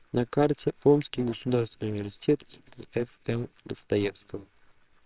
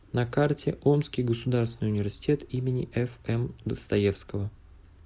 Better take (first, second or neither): second